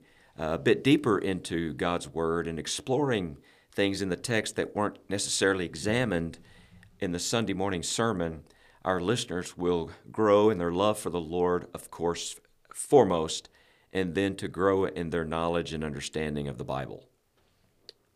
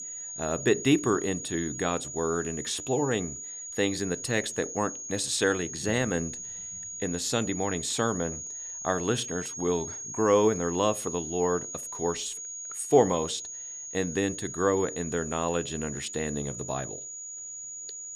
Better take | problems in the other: first | high-pitched whine; loud; throughout; 6.5 kHz, 7 dB below the speech

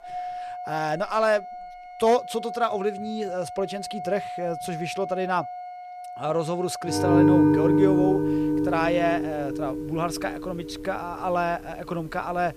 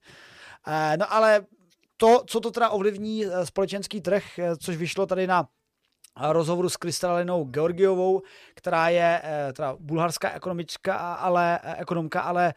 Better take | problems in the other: second | background music; very loud; throughout; 1 dB above the speech

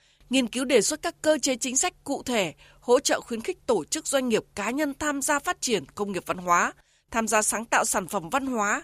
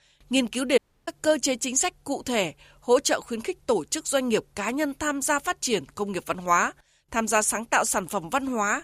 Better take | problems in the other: first | audio cutting out; at 1 s

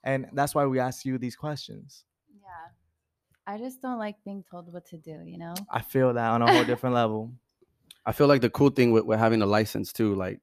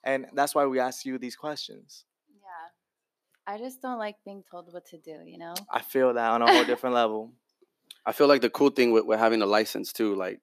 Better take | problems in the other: first | thin; very slightly; fading below 300 Hz

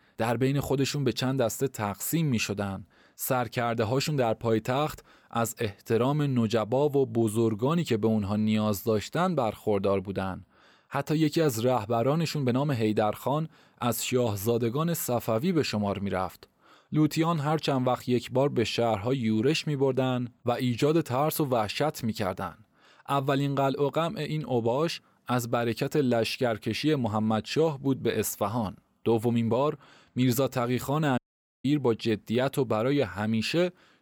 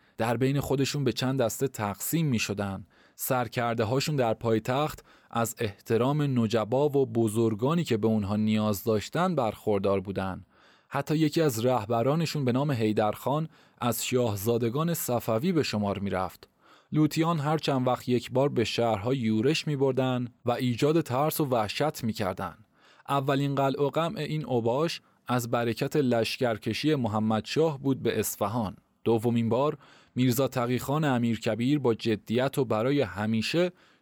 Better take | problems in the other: second | audio cutting out; at 31 s

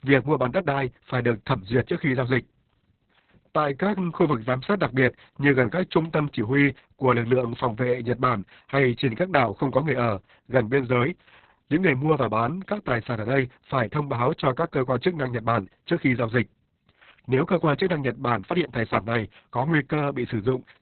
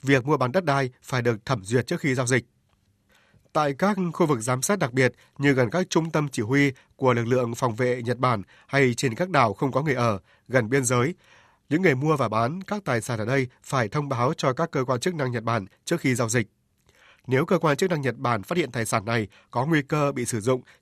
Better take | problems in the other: second | garbled, watery; badly; nothing above 4 kHz

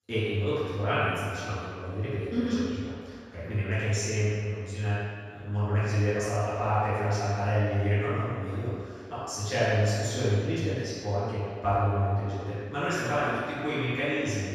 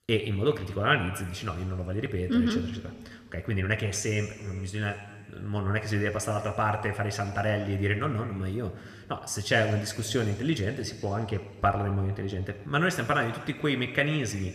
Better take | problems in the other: second | room echo; strong; dies away in 1.8 s; slight in the second // off-mic speech; far

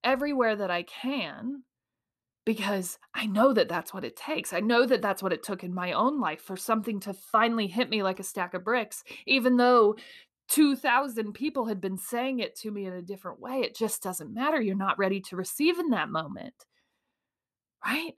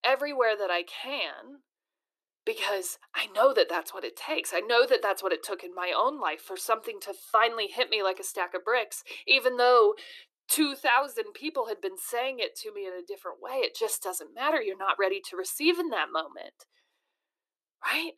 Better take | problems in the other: first | thin; very; fading below 350 Hz

